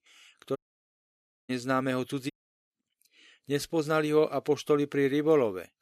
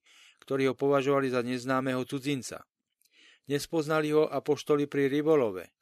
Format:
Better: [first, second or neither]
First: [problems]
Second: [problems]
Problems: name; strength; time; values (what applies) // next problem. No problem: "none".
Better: second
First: audio cutting out; at 0.5 s for 1 s and at 2.5 s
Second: none